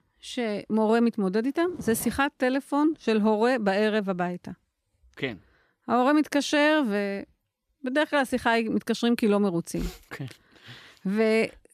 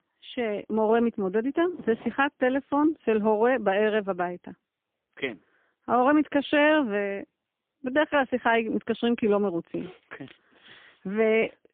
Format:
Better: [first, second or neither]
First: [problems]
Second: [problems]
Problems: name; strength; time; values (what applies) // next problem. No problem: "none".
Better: first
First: none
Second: phone-call audio; poor line